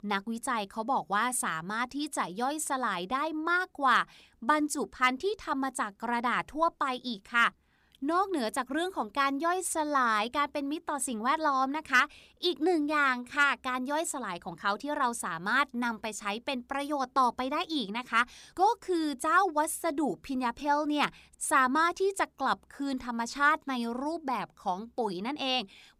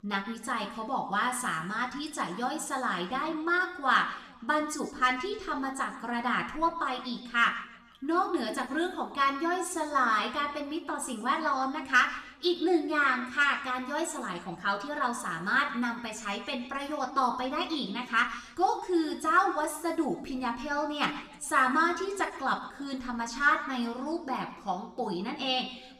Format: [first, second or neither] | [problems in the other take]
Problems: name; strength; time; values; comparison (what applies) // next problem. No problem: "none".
first | room echo; slight; dies away in 0.9 s // off-mic speech; somewhat distant